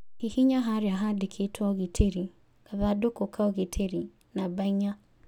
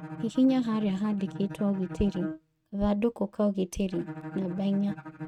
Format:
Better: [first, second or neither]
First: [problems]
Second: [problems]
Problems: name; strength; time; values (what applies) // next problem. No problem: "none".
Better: first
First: none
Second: noise reduction (neural mask model RNNoise)